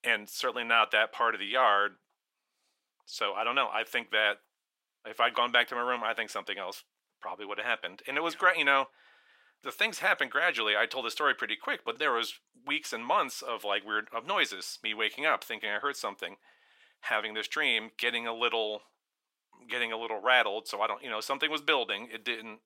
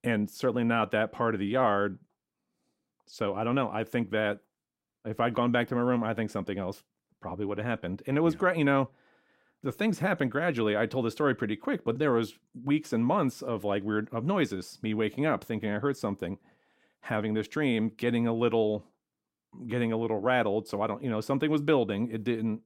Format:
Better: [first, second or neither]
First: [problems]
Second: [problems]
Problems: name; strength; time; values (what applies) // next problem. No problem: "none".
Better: second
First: thin; very; fading below 900 Hz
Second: none